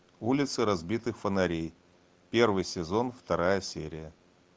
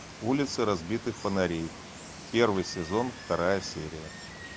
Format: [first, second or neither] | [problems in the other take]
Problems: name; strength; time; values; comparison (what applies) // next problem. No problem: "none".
first | background sound (Water); 13 dB below the speech